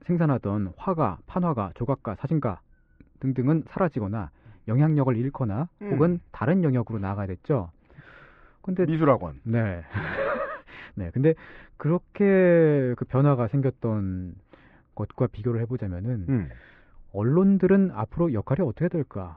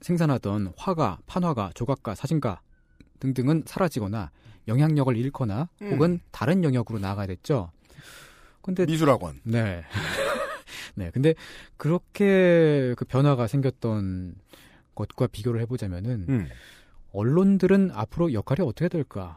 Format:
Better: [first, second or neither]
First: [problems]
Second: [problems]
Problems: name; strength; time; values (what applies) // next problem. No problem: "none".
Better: second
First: muffled; very; fading above 2 kHz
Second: none